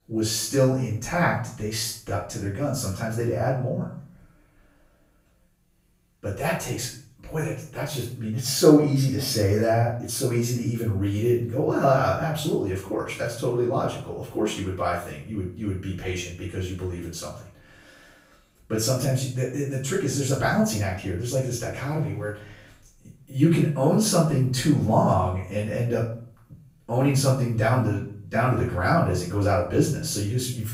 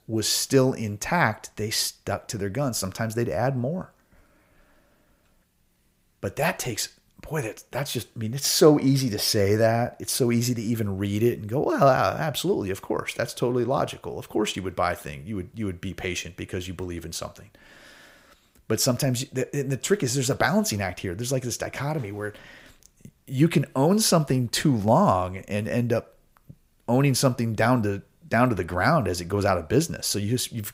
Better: second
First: off-mic speech; far // room echo; noticeable; dies away in 0.5 s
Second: none

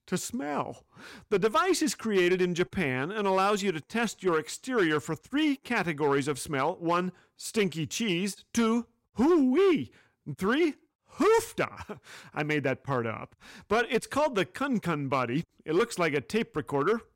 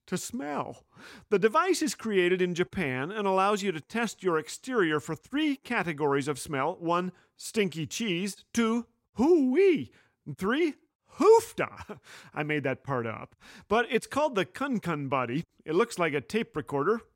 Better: second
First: distortion; slight; 4% of the sound clipped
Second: none

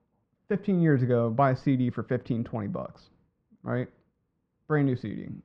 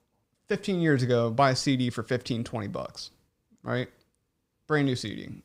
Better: second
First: muffled; very; fading above 1.5 kHz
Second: none

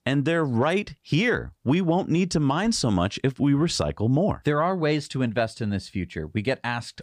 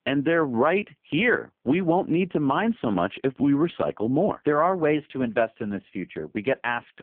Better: first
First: none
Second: phone-call audio; poor line

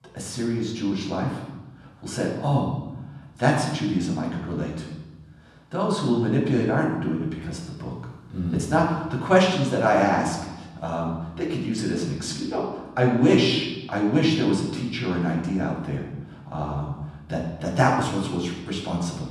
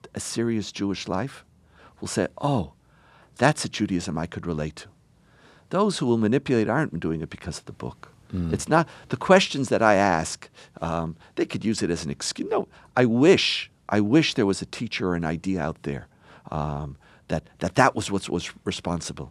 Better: second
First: off-mic speech; far // room echo; noticeable; dies away in 1 s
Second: none

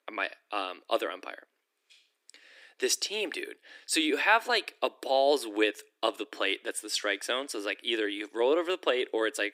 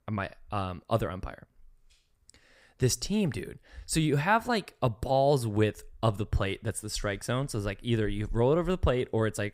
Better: second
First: thin; very; fading below 300 Hz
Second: none

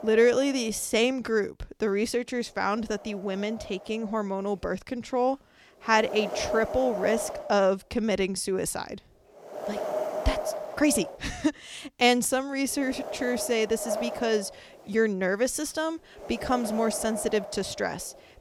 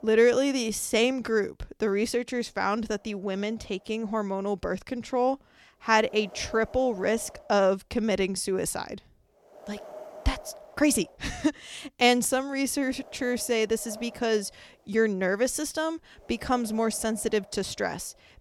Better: second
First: wind noise on the microphone; heavy; 6 dB below the speech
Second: wind noise on the microphone; occasional gusts; 20 dB below the speech

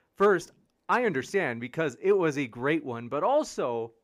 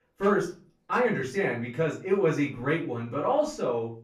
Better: first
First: none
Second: off-mic speech; far // room echo; slight; dies away in 0.3 s

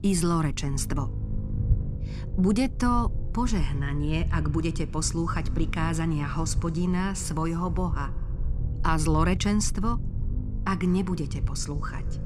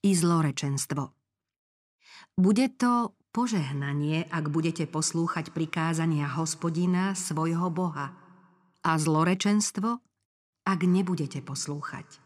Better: second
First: low rumble; noticeable; throughout; 15 dB below the speech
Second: none

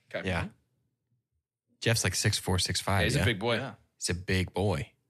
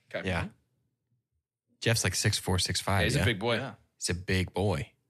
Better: neither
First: none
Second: none

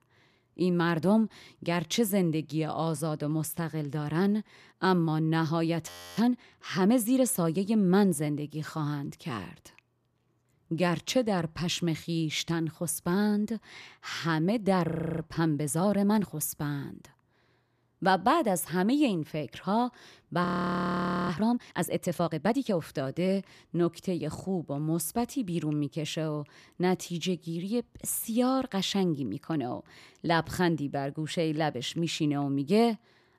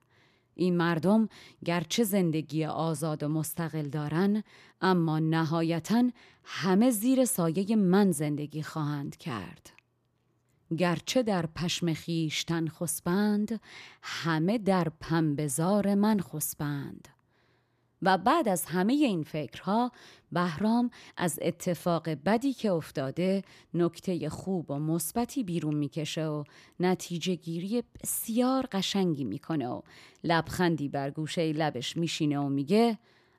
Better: second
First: audio freezing; at 6 s, at 15 s and at 20 s for 1 s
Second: none

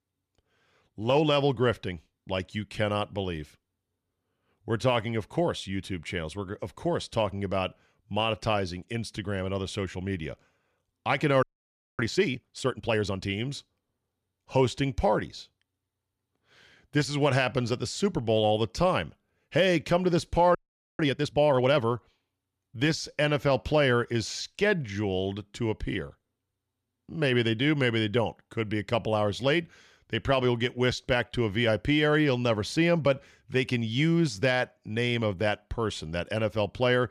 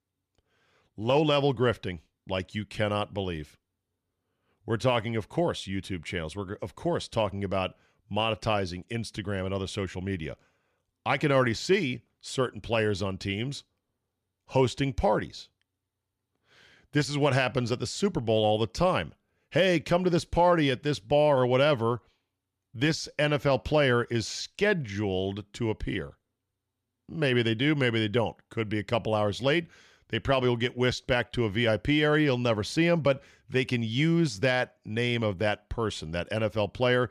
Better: second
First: audio freezing; at 11 s for 0.5 s and at 21 s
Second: none

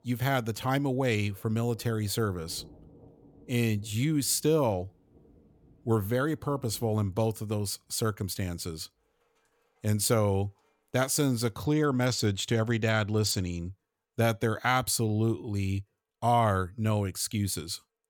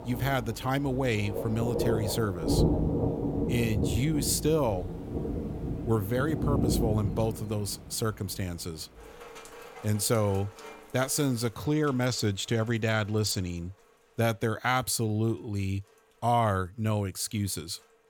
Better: first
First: rain or running water; faint; throughout; 30 dB below the speech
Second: rain or running water; loud; throughout; 3 dB below the speech

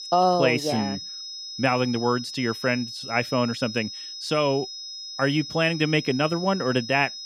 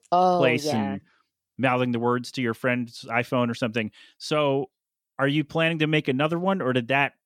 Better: second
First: high-pitched whine; loud; throughout; 5 kHz, 10 dB below the speech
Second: none

